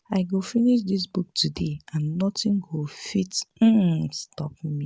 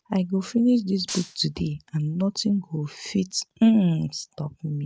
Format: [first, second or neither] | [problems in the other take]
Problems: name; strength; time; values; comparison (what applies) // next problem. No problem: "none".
first | noise reduction (neural mask model RNNoise)